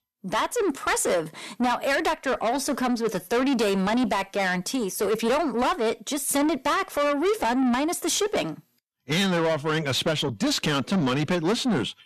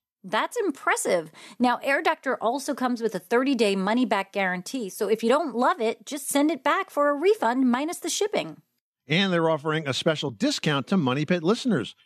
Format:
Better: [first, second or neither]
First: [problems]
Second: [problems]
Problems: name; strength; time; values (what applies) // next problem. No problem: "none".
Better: second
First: distortion; heavy; 8 dB below the speech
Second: none